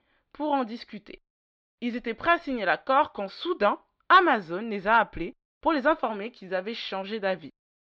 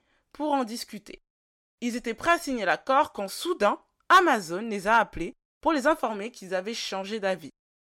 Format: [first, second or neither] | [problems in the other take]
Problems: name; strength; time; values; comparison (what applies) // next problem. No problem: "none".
second | muffled; very slightly; fading above 4 kHz